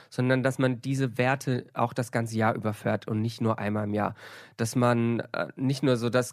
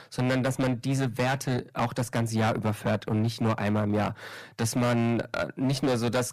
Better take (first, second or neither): first